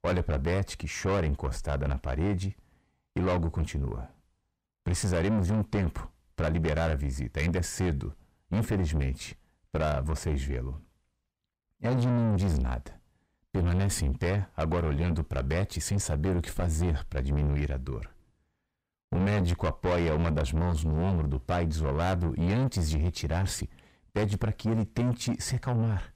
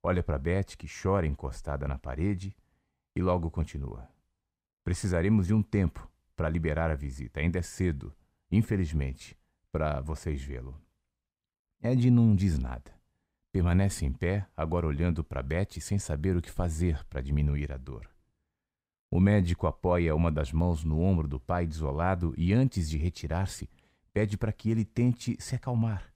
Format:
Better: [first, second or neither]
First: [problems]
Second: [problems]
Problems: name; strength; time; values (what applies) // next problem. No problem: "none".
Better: second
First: distortion; heavy; 6 dB below the speech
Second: none